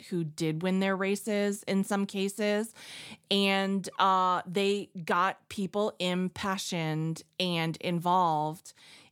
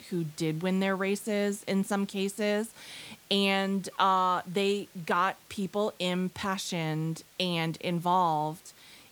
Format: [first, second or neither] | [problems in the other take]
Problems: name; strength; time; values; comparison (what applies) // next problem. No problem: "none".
first | hiss; faint; throughout; 25 dB below the speech